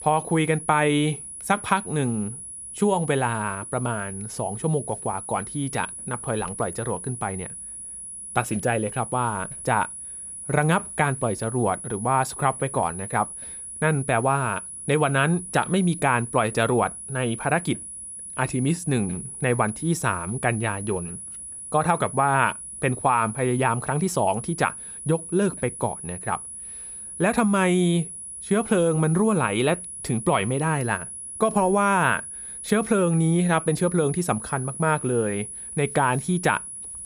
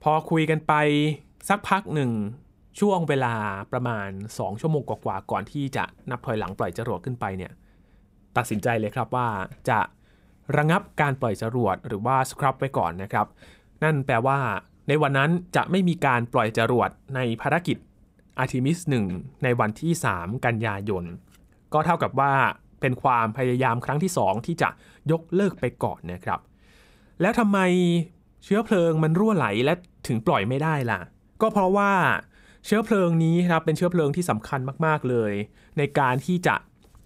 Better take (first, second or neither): second